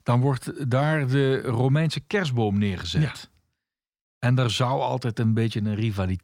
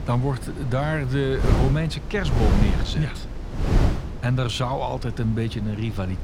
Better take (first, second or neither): first